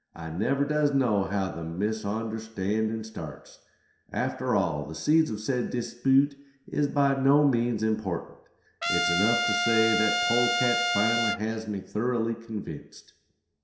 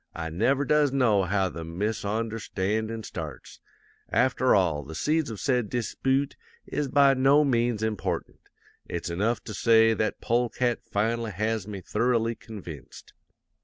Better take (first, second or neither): second